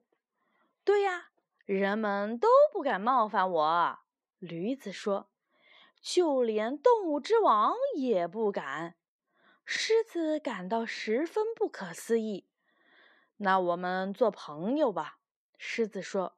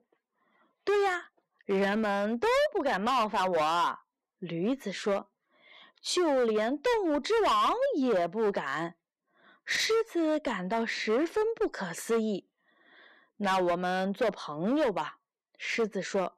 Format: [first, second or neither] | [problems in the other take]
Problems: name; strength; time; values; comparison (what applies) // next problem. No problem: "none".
first | distortion; heavy; 12% of the sound clipped